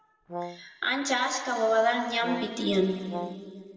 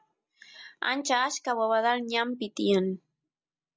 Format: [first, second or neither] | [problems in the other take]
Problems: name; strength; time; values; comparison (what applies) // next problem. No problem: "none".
second | background sound (Brass instrument); 10 dB below the speech // room echo; dies away in 2.4 s